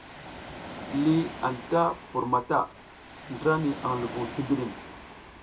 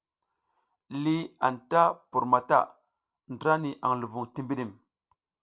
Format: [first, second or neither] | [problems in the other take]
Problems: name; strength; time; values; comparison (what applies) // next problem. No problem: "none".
second | background sound (Ocean); 12 dB below the speech // room echo; dies away in 0.2 s